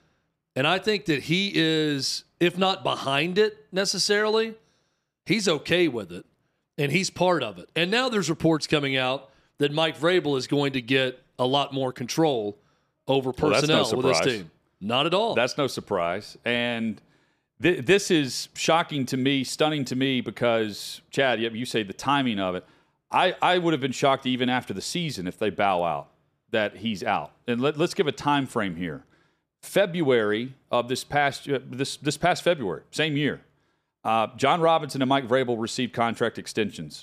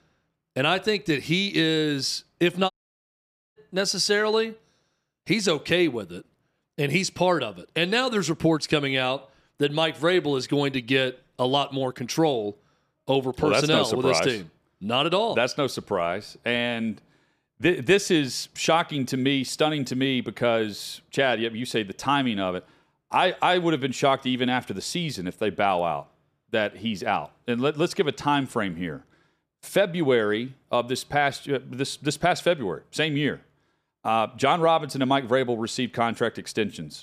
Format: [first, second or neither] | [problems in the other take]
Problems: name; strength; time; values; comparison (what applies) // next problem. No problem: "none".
first | audio cutting out; at 2.5 s for 1 s